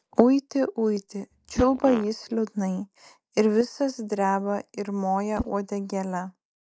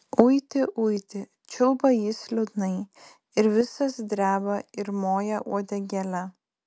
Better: second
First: noise reduction (neural mask model DeepFilterNet 3)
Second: none

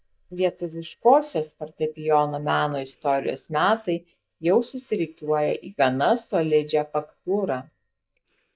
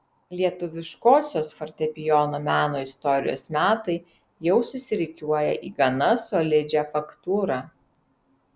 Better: second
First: noise reduction (neural mask model DeepFilterNet 3)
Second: none

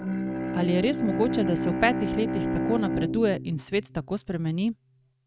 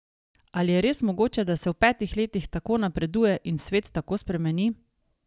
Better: second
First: noise reduction (neural mask model RNNoise)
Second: none

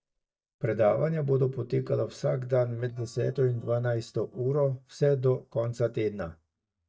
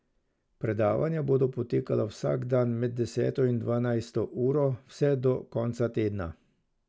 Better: second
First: noise reduction (neural mask model DeepFilterNet 3)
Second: none

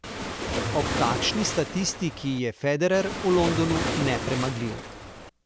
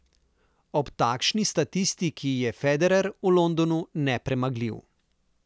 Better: second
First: background sound (Waves, surf); 4 dB below the speech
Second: none

